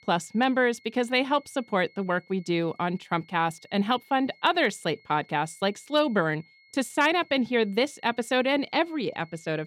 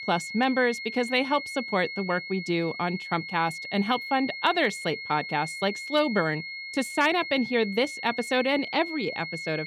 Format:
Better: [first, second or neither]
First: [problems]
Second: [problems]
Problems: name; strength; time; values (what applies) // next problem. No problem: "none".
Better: first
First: high-pitched whine; faint; throughout; 2 kHz, 30 dB below the speech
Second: high-pitched whine; loud; throughout; 2 kHz, 8 dB below the speech